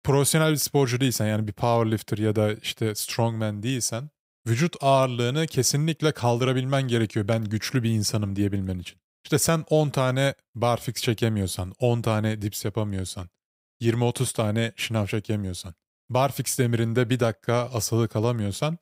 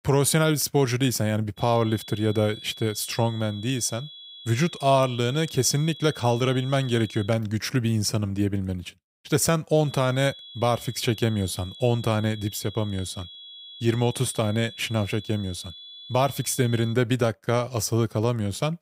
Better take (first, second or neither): first